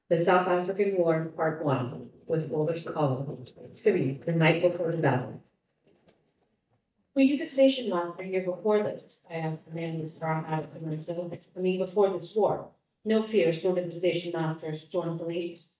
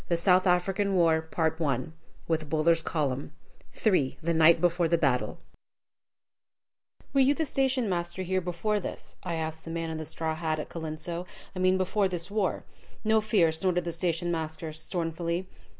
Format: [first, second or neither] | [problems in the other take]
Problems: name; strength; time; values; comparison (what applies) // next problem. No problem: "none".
second | noise reduction (neural mask model DeepFilterNet 3)